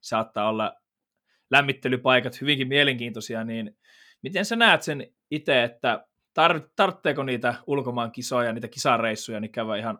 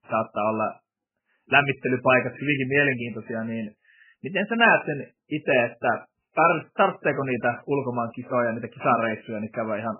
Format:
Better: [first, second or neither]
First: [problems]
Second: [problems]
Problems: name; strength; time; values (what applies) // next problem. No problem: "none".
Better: first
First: none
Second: garbled, watery; badly; nothing above 3 kHz